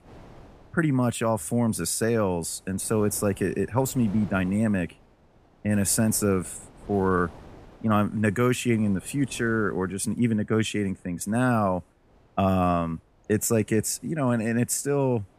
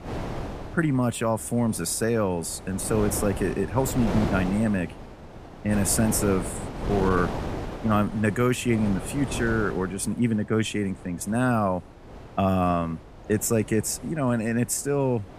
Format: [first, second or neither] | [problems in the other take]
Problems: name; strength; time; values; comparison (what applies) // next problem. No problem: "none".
first | wind noise on the microphone; heavy; 9 dB below the speech; occasional gusts in the first